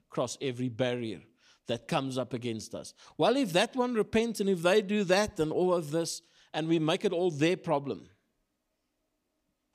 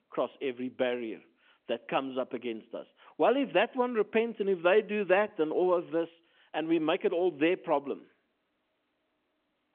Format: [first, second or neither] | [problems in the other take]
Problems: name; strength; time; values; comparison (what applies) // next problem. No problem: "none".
first | phone-call audio